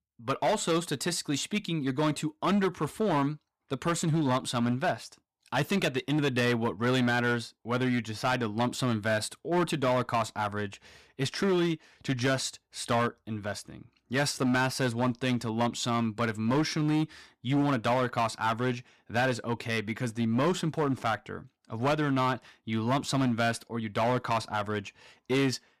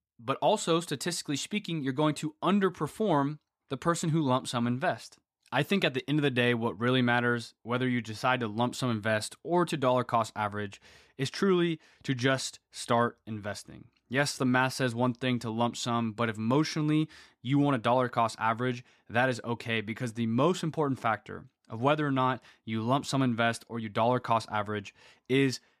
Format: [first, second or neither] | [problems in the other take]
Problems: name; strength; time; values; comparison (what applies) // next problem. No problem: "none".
second | distortion; slight; 8% of the sound clipped